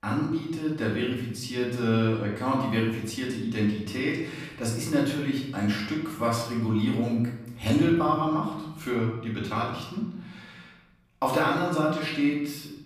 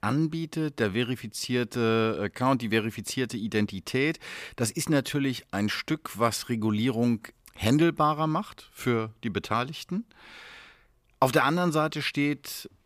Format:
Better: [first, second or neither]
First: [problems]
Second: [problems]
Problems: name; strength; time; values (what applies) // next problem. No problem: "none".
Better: second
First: off-mic speech; far // room echo; noticeable; dies away in 1 s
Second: none